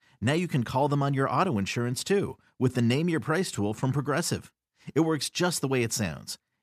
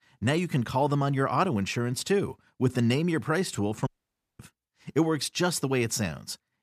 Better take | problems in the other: first | audio cutting out; at 4 s for 0.5 s

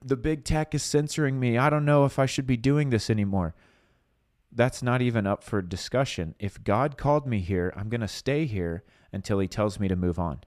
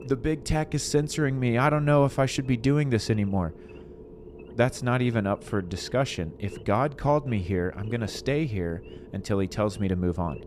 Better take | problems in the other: first | low rumble; noticeable; throughout; 20 dB below the speech

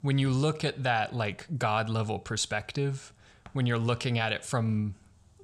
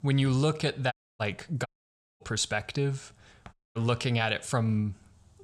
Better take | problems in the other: first | audio cutting out; at 1 s, at 1.5 s for 0.5 s and at 3.5 s

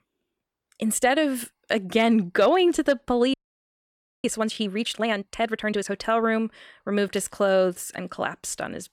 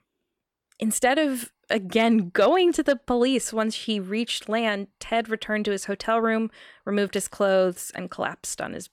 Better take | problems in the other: second | audio freezing; at 3.5 s for 1 s

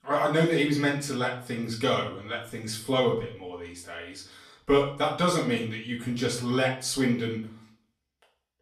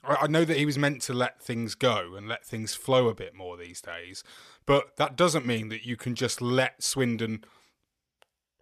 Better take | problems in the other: second | off-mic speech; far // room echo; slight; dies away in 0.4 s

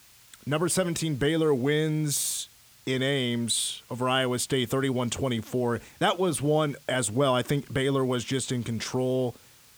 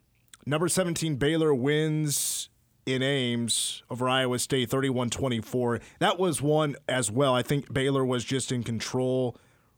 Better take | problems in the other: second | hiss; faint; throughout; 25 dB below the speech

